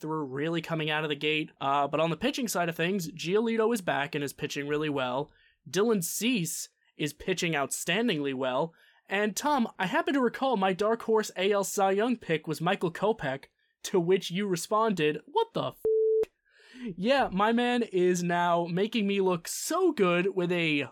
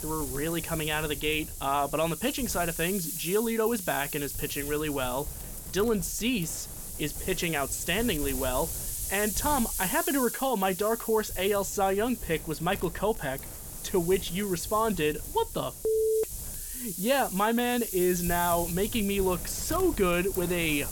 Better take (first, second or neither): first